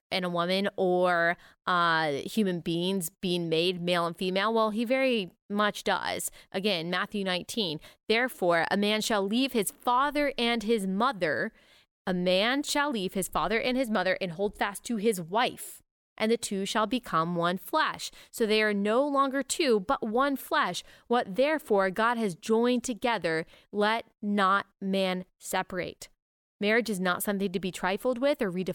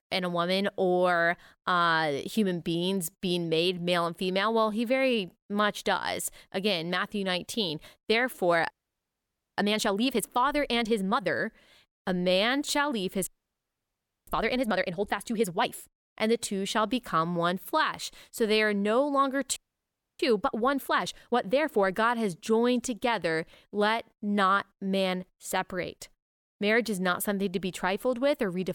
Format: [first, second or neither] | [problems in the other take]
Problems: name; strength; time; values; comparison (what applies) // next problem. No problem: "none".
first | audio freezing; at 8.5 s for 1 s, at 13 s for 1 s and at 20 s for 0.5 s